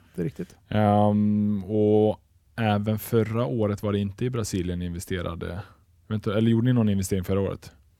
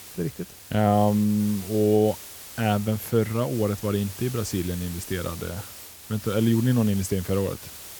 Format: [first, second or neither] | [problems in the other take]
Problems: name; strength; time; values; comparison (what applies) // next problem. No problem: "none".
first | hiss; noticeable; throughout; 15 dB below the speech